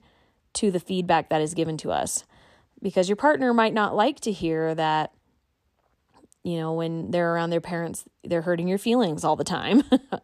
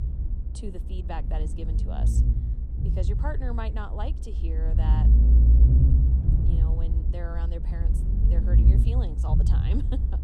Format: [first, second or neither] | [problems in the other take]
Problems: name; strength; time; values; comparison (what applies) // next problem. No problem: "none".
first | low rumble; loud; throughout; as loud as the speech